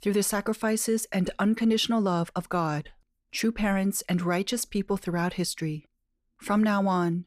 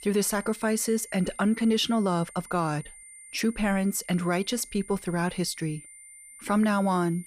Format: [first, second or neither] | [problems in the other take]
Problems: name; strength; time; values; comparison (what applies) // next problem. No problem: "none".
first | high-pitched whine; noticeable; throughout; 9 kHz, 20 dB below the speech